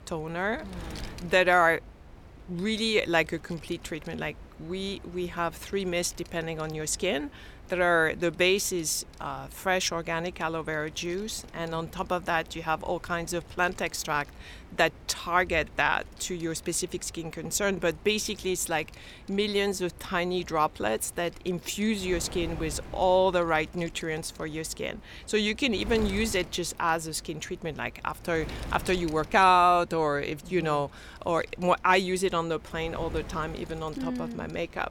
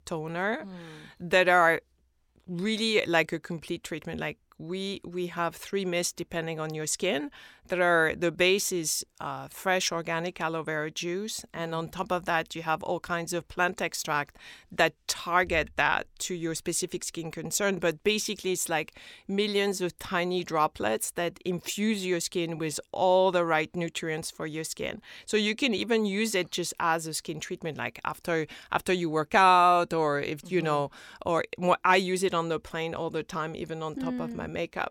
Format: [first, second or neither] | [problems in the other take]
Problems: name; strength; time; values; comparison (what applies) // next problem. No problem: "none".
second | wind noise on the microphone; occasional gusts; 20 dB below the speech